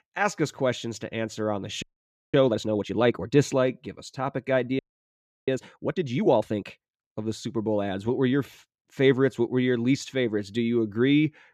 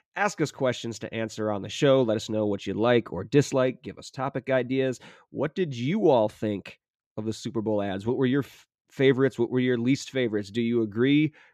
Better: second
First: audio freezing; at 2 s for 0.5 s and at 5 s for 0.5 s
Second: none

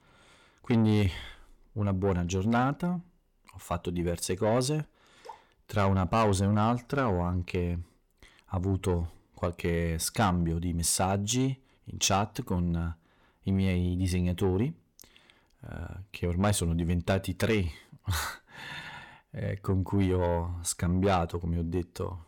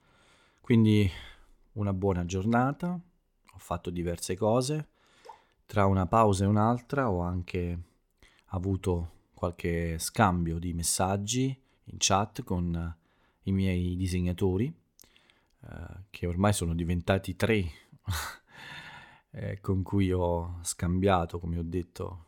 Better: second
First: distortion; slight; 10 dB below the speech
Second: none

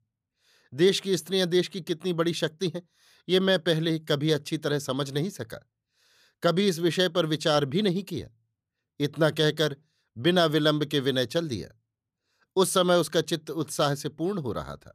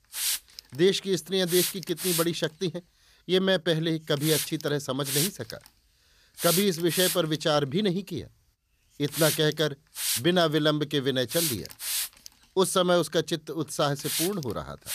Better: first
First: none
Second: hiss; loud; throughout; 3 dB below the speech

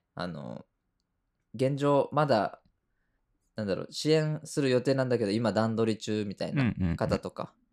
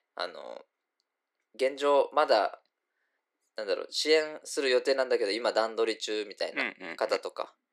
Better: first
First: none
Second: thin; very; fading below 350 Hz

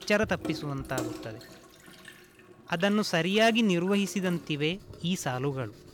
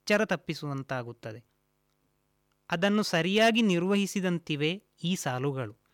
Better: second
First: household noises; noticeable; throughout; 15 dB below the speech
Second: none

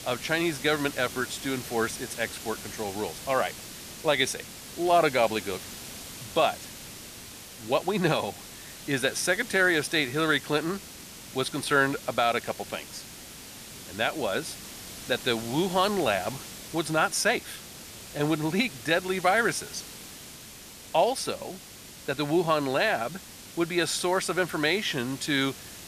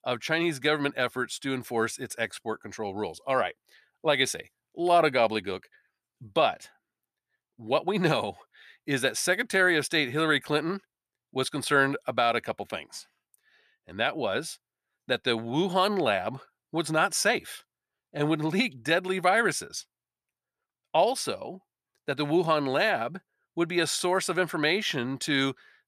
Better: second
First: hiss; noticeable; throughout; 15 dB below the speech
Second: none

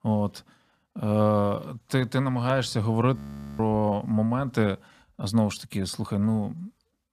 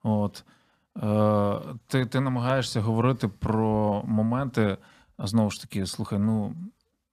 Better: second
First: audio freezing; at 3 s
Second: none

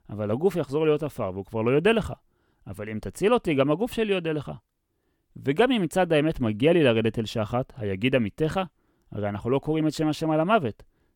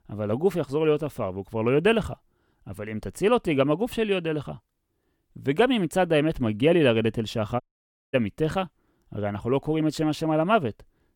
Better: first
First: none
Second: audio cutting out; at 7.5 s for 0.5 s

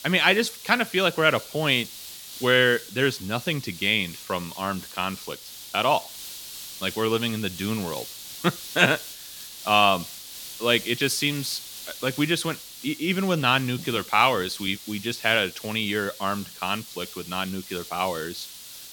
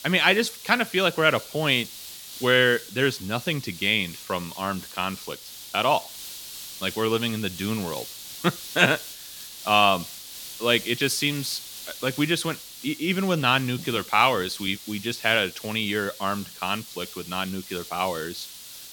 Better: neither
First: hiss; noticeable; throughout; 15 dB below the speech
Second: hiss; noticeable; throughout; 15 dB below the speech

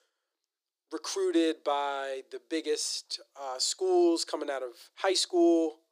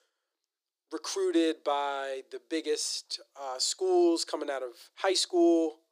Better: neither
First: thin; very; fading below 350 Hz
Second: thin; very; fading below 350 Hz

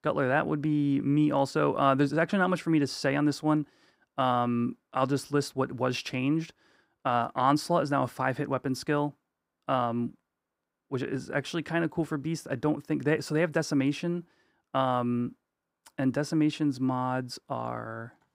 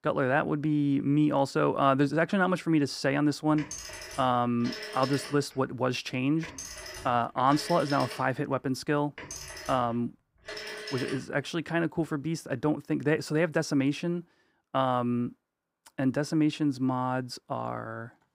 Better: first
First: none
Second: phone ringing; noticeable; from 3.5 to 11 s; peak 9 dB below the speech

